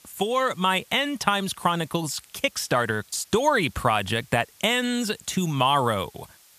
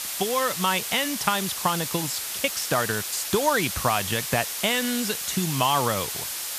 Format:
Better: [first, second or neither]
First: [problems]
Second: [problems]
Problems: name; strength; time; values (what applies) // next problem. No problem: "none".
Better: first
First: hiss; faint; throughout; 30 dB below the speech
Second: hiss; loud; throughout; 3 dB below the speech